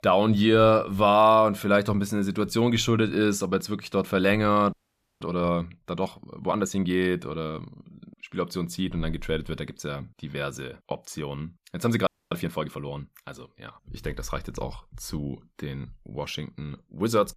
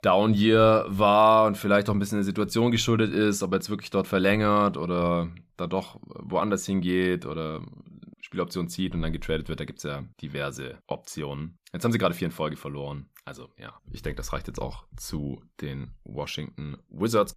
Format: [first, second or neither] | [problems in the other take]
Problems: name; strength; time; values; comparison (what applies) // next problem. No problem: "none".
second | audio freezing; at 4.5 s and at 12 s